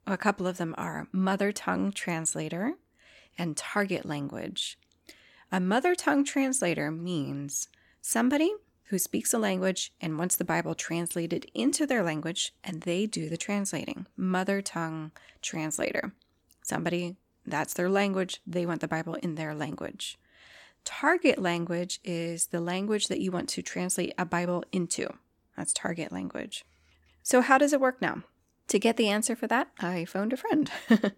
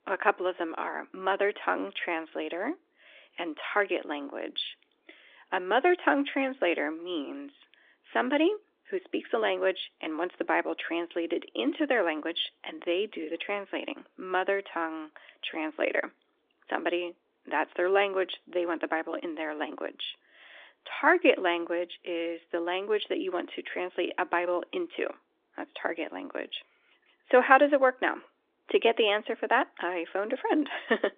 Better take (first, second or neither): first